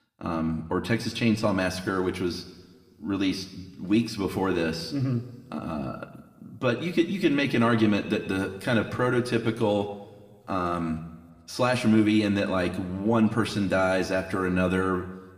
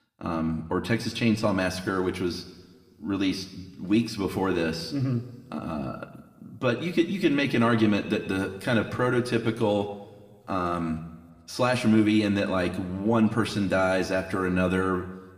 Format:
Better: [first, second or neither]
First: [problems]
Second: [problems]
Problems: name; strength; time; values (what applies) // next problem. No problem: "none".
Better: neither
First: room echo; very slight; dies away in 1.2 s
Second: room echo; very slight; dies away in 1.2 s